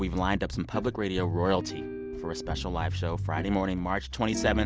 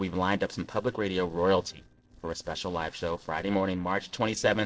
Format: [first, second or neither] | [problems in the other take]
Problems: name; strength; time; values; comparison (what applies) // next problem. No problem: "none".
first | noise reduction (neural separator model SepFormer DNS4)